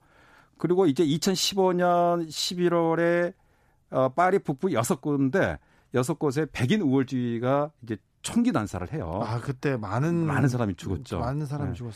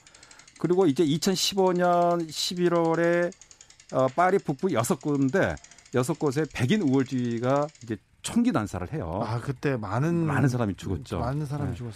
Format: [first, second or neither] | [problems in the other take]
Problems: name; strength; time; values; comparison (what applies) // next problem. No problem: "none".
first | traffic noise; faint; throughout; 25 dB below the speech